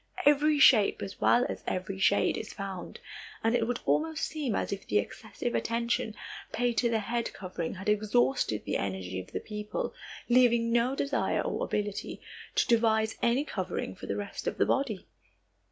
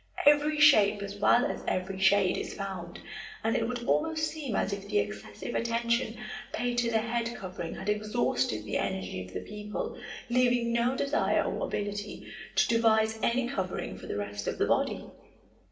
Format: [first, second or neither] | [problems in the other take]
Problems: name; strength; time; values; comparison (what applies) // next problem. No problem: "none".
first | room echo; dies away in 0.8 s